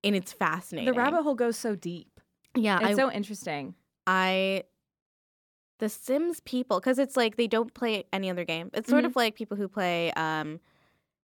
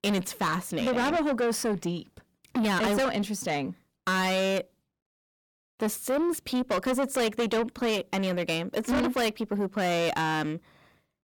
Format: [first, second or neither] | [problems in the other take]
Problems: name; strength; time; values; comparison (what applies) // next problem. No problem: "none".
first | distortion; heavy; 6 dB below the speech